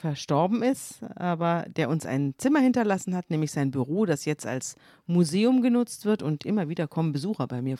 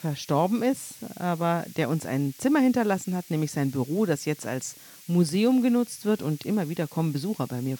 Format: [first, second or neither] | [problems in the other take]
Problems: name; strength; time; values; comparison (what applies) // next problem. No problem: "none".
first | hiss; noticeable; throughout; 20 dB below the speech